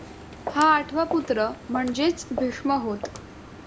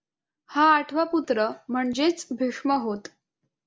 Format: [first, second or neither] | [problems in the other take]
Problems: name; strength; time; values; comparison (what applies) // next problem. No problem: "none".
second | background sound (Walk, footsteps); 11 dB below the speech